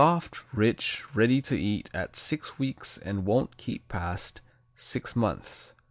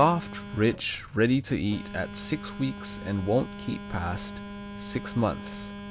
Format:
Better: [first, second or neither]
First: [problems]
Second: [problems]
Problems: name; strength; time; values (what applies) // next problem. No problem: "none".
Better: first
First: none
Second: background sound (Telephone); 11 dB below the speech